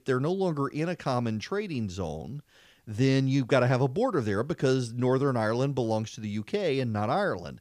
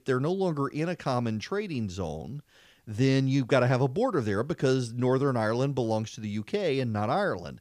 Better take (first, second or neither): neither